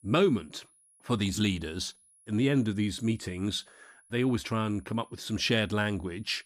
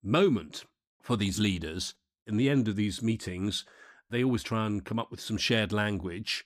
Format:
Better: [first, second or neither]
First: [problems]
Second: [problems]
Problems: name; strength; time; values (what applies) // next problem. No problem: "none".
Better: second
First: high-pitched whine; faint; throughout; 10.5 kHz, 30 dB below the speech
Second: none